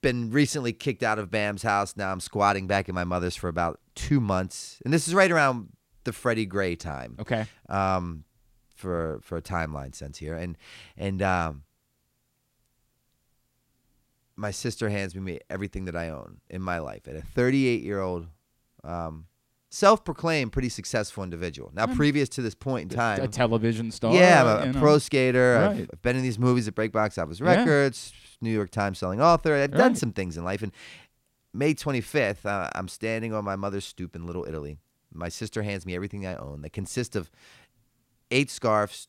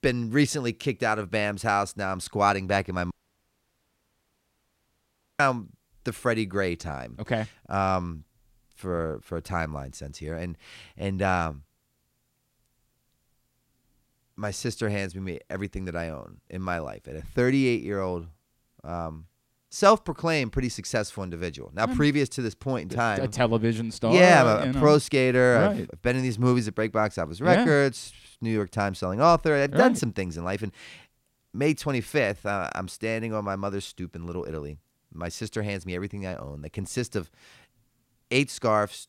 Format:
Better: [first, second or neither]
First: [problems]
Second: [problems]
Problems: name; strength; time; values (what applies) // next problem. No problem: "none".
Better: first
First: none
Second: audio cutting out; at 3 s for 2.5 s